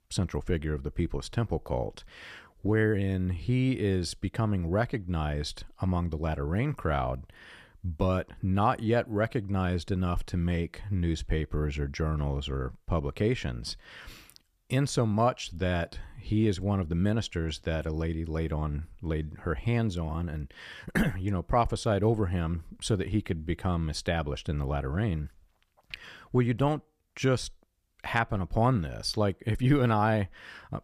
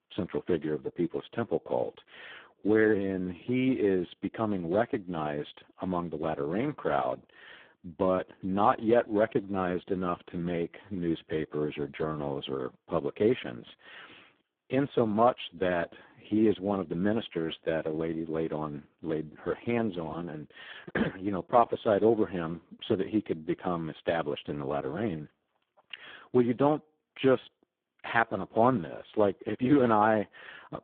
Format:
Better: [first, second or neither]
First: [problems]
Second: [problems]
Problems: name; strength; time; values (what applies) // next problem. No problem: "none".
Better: first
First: none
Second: phone-call audio; poor line